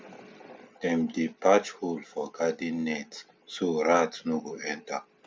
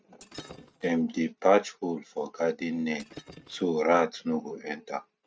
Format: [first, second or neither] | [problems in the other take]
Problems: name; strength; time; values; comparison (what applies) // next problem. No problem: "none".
first | noise reduction (neural mask model RNNoise)